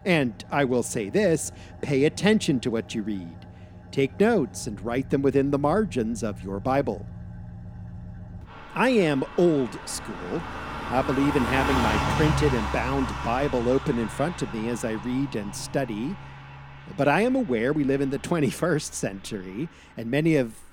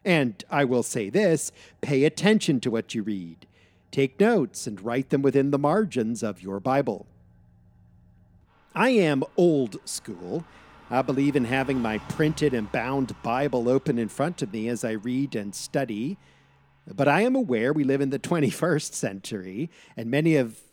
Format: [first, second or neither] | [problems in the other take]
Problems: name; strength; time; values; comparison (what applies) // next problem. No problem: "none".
second | traffic noise; loud; throughout; 8 dB below the speech; faint in the second